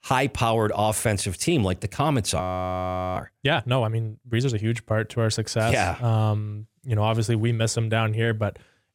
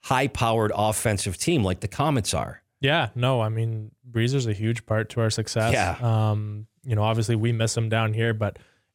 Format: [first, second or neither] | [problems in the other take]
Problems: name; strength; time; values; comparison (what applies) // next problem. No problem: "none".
second | audio freezing; at 2.5 s for 1 s